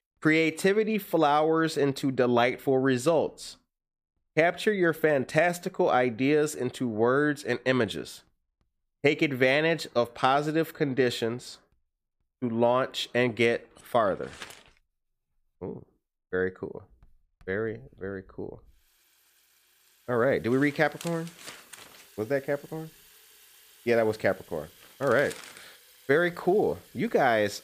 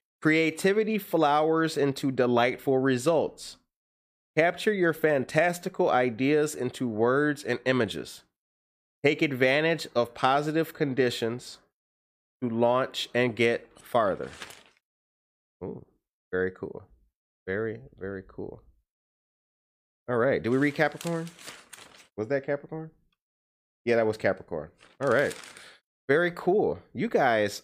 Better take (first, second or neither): second